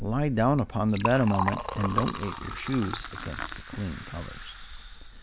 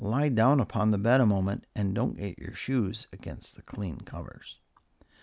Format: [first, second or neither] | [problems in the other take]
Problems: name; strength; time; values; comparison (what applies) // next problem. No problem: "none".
second | background sound (Liquid); 7 dB below the speech